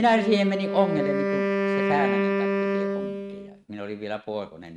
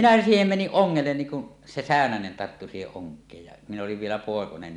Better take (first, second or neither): second